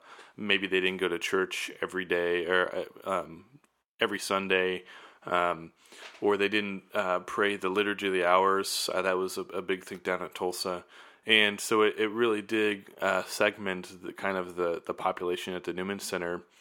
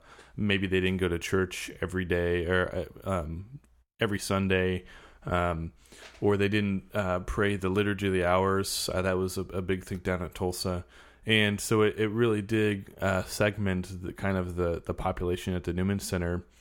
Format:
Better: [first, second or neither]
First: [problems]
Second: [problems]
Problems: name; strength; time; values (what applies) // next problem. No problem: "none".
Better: second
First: thin; somewhat; fading below 300 Hz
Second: none